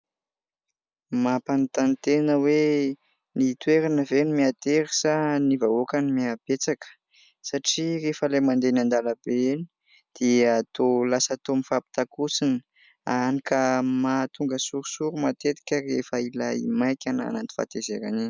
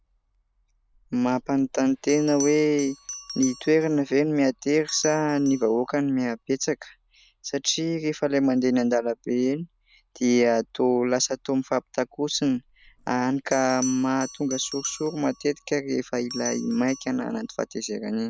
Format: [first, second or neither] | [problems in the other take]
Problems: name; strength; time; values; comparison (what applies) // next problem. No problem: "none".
first | background sound (Bell); 18 dB below the speech